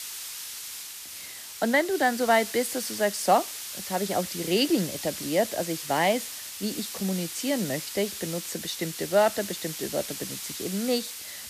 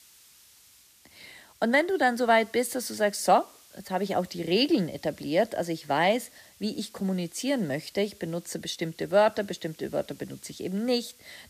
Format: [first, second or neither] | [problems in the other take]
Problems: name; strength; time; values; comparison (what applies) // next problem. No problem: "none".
second | hiss; loud; throughout; 7 dB below the speech; faint in the second